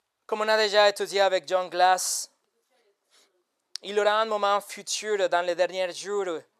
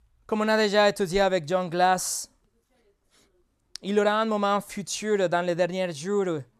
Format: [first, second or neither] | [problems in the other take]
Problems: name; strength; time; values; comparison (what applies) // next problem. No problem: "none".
second | thin; very; fading below 550 Hz